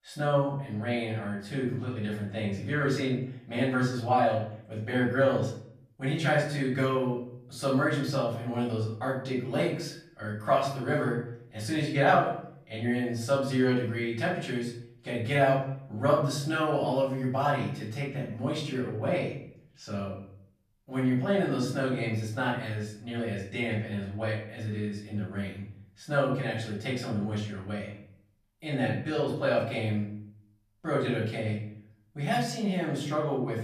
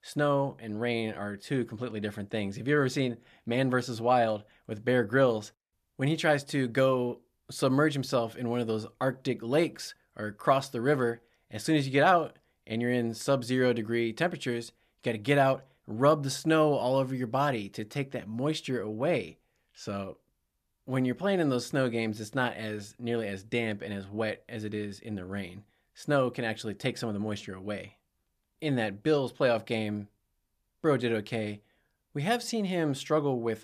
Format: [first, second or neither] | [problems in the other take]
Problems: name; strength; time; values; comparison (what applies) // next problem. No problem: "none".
second | off-mic speech; far // room echo; noticeable; dies away in 0.6 s